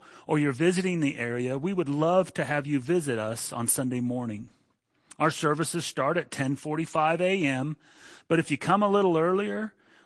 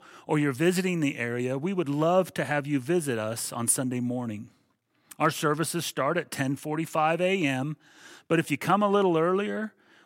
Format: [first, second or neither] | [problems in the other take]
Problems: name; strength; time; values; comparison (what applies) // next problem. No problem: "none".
second | garbled, watery; slightly; nothing above 16.5 kHz